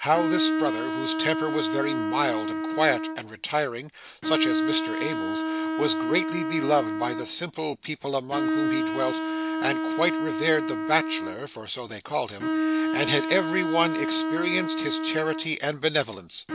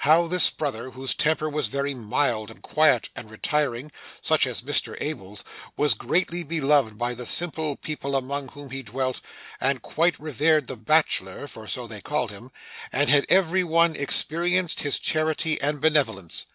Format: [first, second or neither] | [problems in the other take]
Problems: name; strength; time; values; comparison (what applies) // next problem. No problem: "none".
second | background sound (Bowed string instrument); as loud as the speech